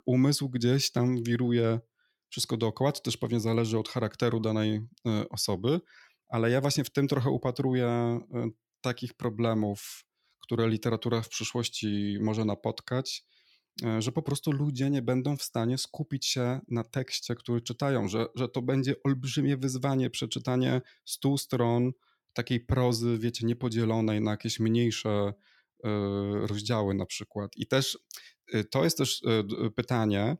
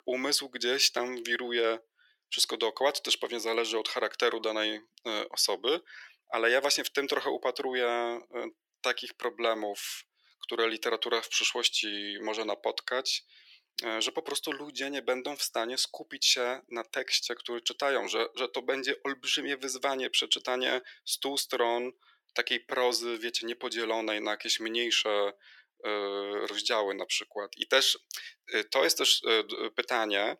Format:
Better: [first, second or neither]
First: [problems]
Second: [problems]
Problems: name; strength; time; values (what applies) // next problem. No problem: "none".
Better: first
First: none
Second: thin; very; fading below 400 Hz